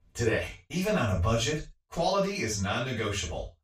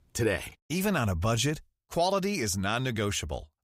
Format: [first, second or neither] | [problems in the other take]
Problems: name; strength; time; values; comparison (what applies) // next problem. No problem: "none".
second | room echo; noticeable; dies away in 0.2 s // off-mic speech; far